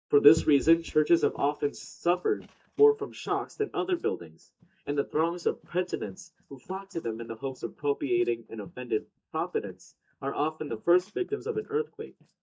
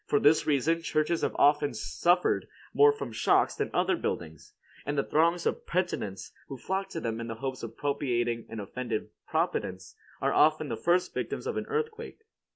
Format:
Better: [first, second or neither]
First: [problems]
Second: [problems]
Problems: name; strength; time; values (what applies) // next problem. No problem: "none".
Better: second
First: noise reduction (neural mask model DeepFilterNet 3)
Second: none